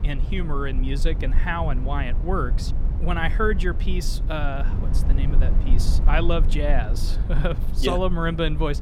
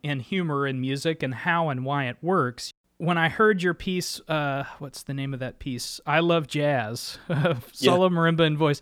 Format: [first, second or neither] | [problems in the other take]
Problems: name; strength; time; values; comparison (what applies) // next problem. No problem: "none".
second | low rumble; noticeable; throughout; 15 dB below the speech